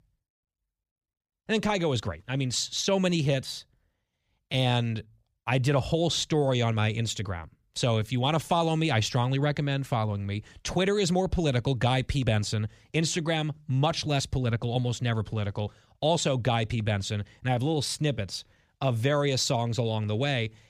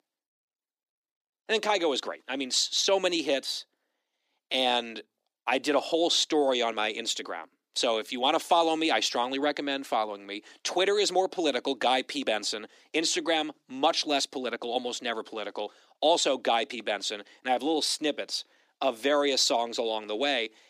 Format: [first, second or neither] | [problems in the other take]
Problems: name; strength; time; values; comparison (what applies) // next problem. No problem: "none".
first | thin; somewhat; fading below 300 Hz